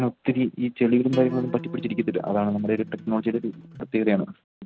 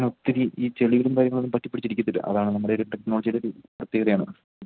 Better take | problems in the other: second | background sound (Acoustic guitar); 14 dB below the speech

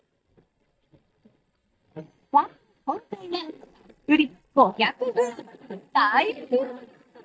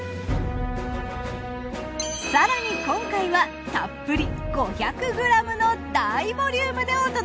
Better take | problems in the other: second | noise reduction (neural mask model DeepFilterNet 3)

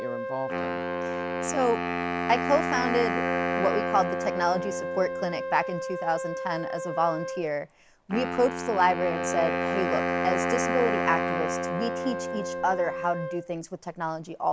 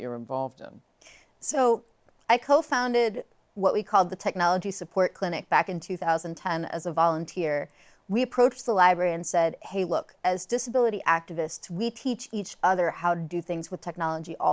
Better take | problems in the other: second | background sound (Wind instrument, woodwind instrument + Wind instrument, woodwind instrument); 1 dB below the speech

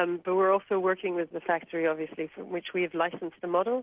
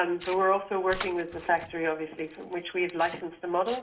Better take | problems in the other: first | background sound (Tearing); 17 dB below the speech // room echo; dies away in 0.9 s

